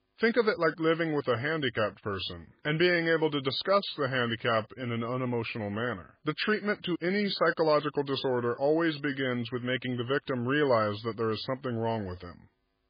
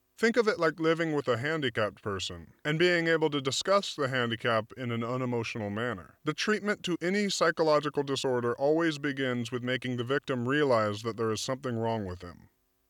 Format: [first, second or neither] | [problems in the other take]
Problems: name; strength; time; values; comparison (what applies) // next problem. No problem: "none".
second | garbled, watery; badly; nothing above 5 kHz